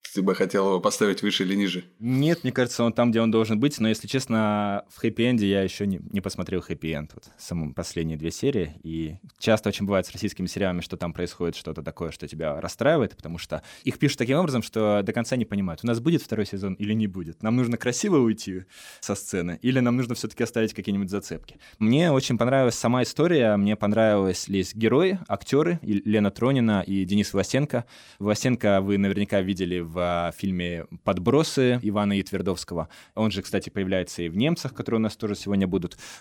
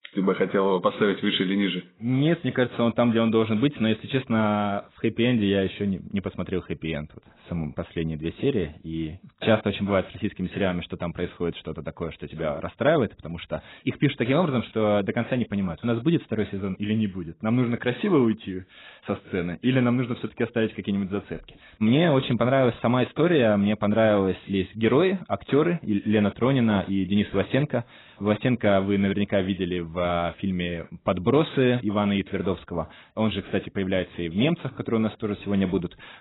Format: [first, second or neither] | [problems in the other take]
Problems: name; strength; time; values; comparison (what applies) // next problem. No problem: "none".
first | garbled, watery; badly; nothing above 4 kHz